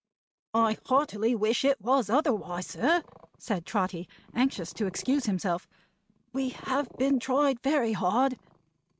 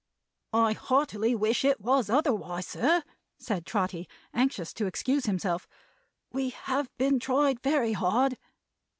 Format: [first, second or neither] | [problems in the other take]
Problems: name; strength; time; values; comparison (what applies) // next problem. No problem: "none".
second | noise reduction (neural mask model RNNoise)